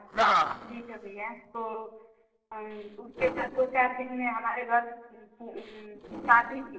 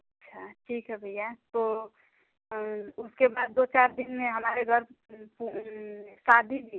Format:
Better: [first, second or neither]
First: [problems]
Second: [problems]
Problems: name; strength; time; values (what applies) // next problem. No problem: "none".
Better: second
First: noise reduction (neural separator model SepFormer DNS4)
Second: none